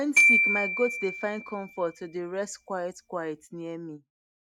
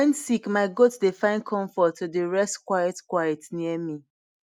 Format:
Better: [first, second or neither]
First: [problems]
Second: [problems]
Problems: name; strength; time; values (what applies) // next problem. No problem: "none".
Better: second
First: background sound (Glockenspiel); 5 dB above the speech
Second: none